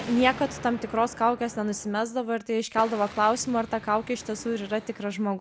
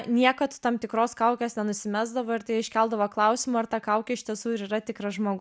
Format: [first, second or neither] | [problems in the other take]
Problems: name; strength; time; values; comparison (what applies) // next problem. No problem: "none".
second | background sound (Explosion); 16 dB below the speech